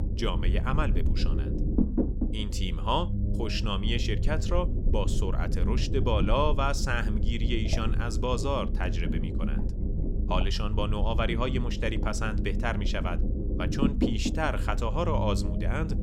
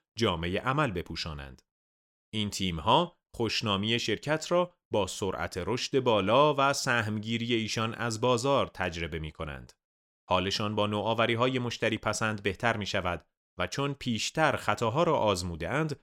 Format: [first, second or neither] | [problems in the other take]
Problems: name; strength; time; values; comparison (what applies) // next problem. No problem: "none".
second | low rumble; loud; throughout; 8 dB below the speech